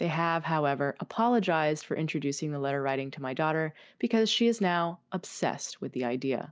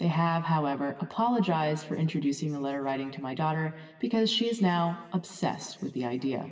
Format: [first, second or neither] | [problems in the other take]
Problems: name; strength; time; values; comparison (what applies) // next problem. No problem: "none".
first | room echo; dies away in 1.4 s